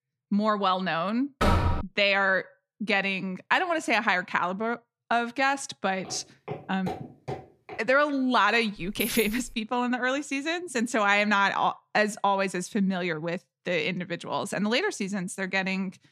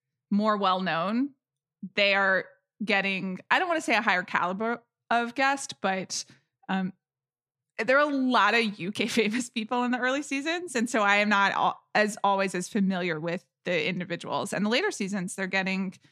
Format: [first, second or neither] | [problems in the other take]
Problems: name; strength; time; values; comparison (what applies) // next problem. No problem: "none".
second | door banging; loud; at 1.5 s; peak 2 dB above the speech // footsteps; faint; from 6 to 8 s; peak 10 dB below the speech // jangling keys; noticeable; at 9 s; peak 7 dB below the speech